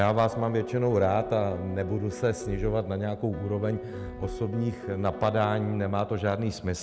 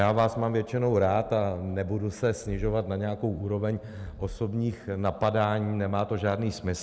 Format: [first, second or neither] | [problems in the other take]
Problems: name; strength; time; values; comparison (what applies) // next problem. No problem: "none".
second | background sound (Piano); 12 dB below the speech